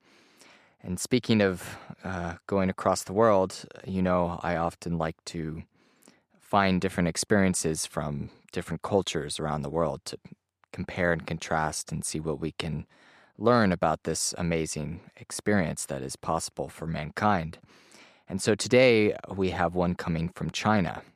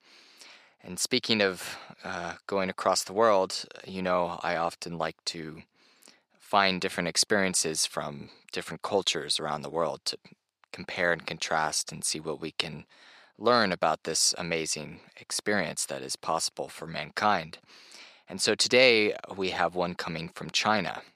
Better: first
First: none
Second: thin; very slightly; fading below 1 kHz

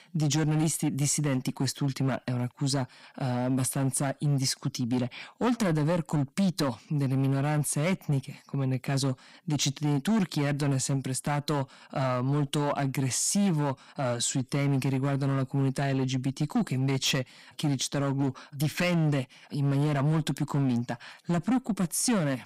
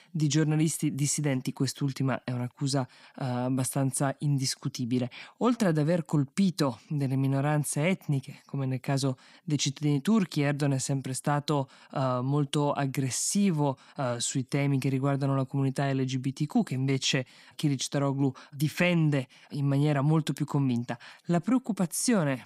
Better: second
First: distortion; slight; 12% of the sound clipped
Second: none

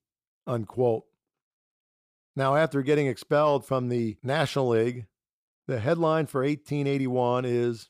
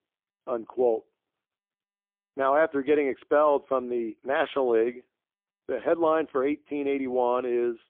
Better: first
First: none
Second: phone-call audio; poor line; nothing above 3.5 kHz

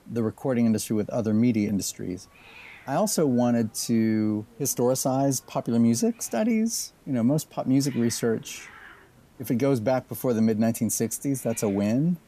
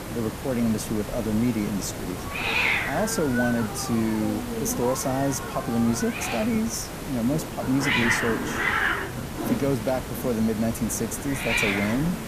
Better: first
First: hiss; faint; throughout; 25 dB below the speech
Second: hiss; loud; throughout; 2 dB below the speech

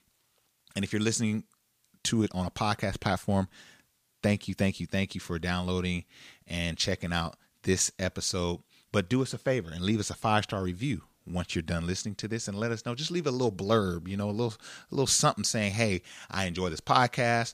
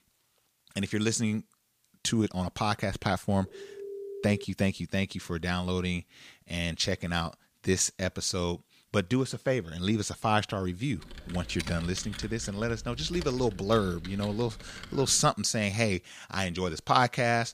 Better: first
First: none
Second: phone ringing; faint; from 3.5 to 4.5 s; peak 10 dB below the speech // keyboard typing; noticeable; from 11 to 15 s; peak 9 dB below the speech

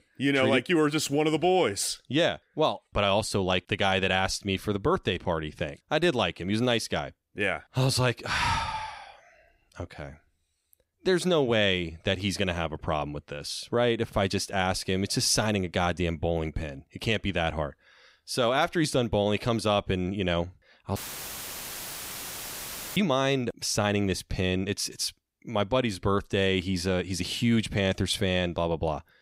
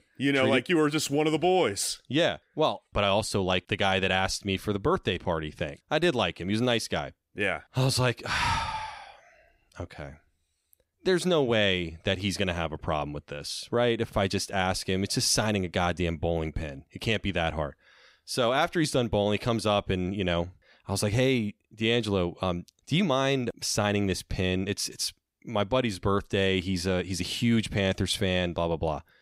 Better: second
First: audio cutting out; filled with static; at 21 s for 2 s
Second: none

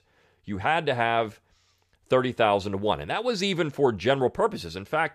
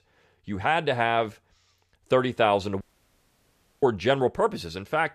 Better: first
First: none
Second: audio cutting out; at 3 s for 1 s

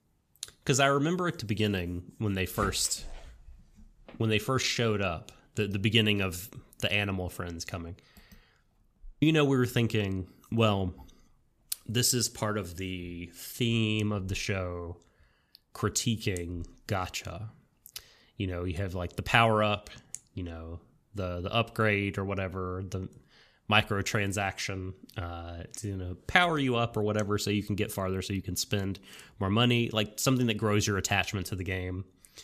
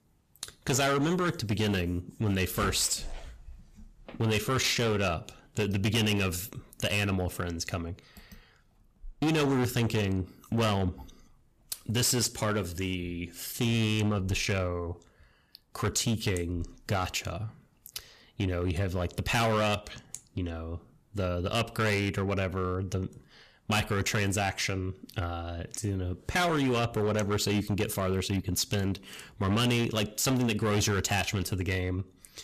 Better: first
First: none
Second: distortion; heavy; 11% of the sound clipped

